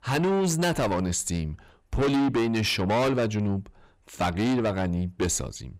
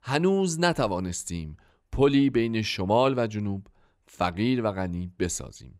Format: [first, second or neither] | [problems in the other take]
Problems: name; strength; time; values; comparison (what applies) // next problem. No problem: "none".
second | distortion; heavy; 6 dB below the speech